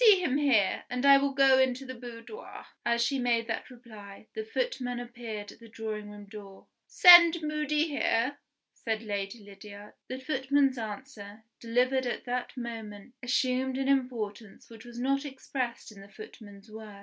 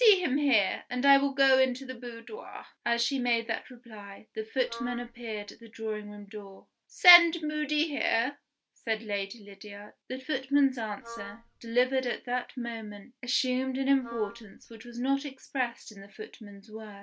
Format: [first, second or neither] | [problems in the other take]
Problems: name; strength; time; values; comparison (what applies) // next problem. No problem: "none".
first | background sound (Wind instrument, woodwind instrument); 16 dB below the speech